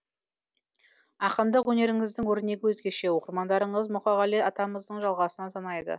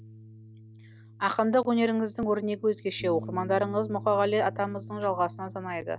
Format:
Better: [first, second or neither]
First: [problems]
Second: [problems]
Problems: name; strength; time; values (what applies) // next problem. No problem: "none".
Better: first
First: none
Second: background sound (Bass guitar); 15 dB below the speech